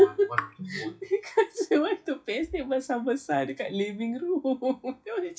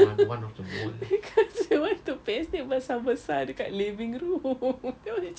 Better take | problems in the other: second | noise reduction (classical method WPE with log-MMSE)

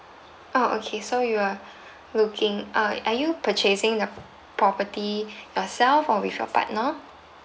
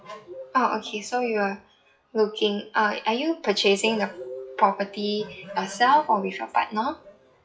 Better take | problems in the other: first | noise reduction (classical method WPE with log-MMSE)

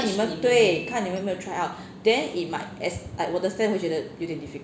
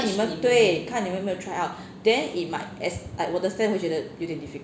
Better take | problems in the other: second | background sound (Chirp, tweet); 19 dB below the speech

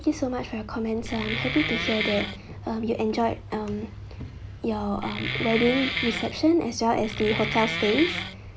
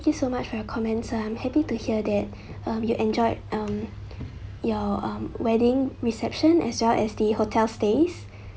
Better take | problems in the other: second | background sound (Wood); 4 dB below the speech

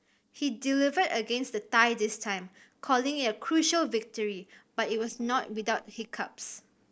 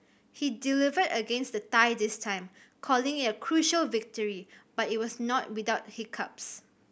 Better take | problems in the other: second | noise reduction (neural separator model SepFormer DNS4)

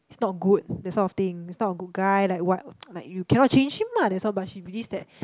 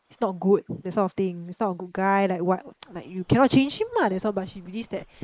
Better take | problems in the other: first | noise reduction (neural mask model Resemble Enhance denoiser)

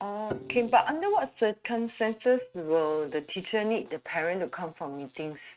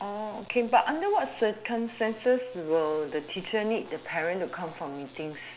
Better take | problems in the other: second | noise reduction (neural mask model RNNoise)

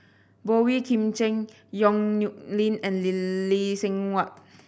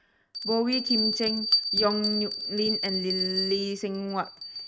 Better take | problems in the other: first | noise reduction (neural mask model RNNoise)

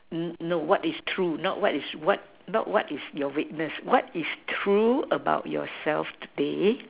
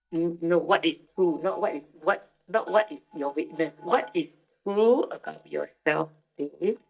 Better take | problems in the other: first | noise reduction (neural mask model DeepFilterNet 3)

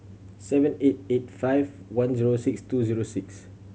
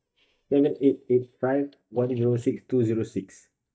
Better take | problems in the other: first | noise reduction (neural mask model DeepFilterNet 3)

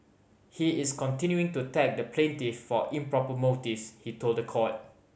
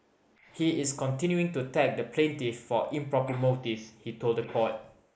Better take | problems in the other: first | noise reduction (neural mask model Resemble Enhance denoiser)

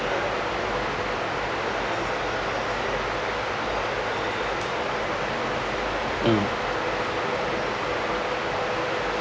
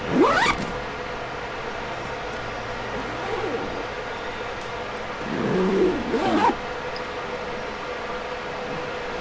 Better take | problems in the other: first | background sound (Zipper (clothing)); 3 dB above the speech // room echo; dies away in 1.5 s

